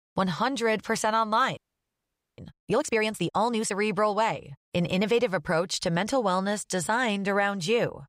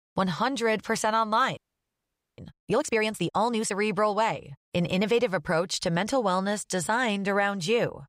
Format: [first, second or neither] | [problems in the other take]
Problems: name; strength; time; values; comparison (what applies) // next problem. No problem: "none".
neither | audio freezing; at 1.5 s for 1 s; the same in both